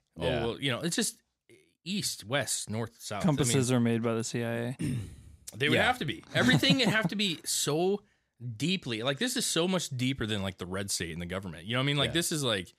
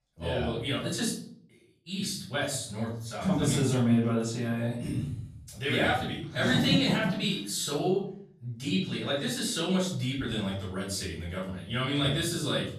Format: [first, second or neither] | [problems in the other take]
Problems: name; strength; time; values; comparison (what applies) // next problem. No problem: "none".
first | off-mic speech; far // room echo; noticeable; dies away in 0.6 s